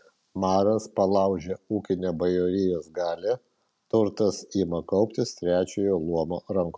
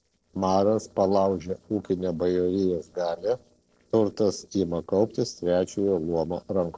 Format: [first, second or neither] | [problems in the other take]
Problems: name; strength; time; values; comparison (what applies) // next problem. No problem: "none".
first | noise reduction (neural separator model SepFormer DNS4)